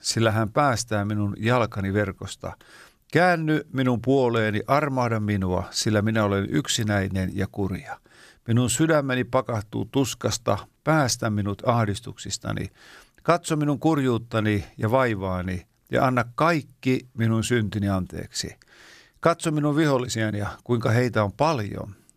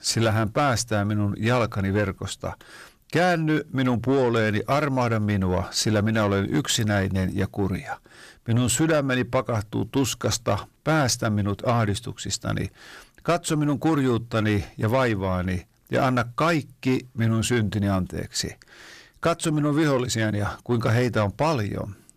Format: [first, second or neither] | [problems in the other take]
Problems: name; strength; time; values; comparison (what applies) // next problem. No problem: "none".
first | distortion; slight; 10 dB below the speech